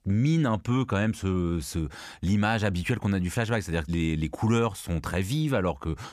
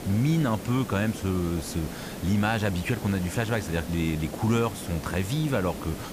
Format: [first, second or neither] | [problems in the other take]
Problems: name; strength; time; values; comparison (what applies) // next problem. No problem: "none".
first | hiss; noticeable; throughout; 10 dB below the speech